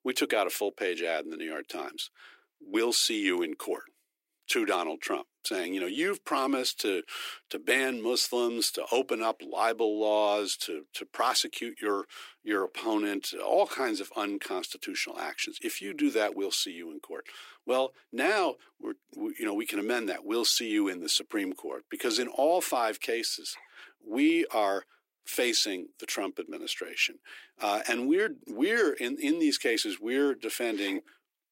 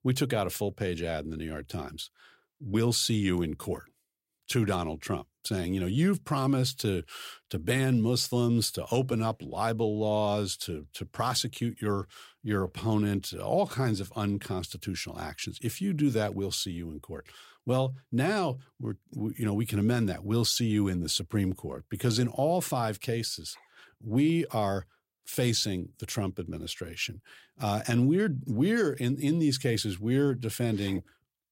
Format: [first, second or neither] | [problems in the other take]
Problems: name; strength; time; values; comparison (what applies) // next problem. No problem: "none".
second | thin; somewhat; fading below 300 Hz